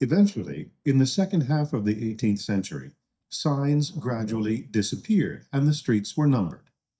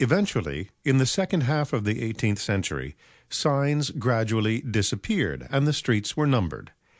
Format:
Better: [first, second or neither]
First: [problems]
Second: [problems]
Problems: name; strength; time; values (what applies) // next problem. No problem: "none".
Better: second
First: noise reduction (neural mask model DeepFilterNet 3)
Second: none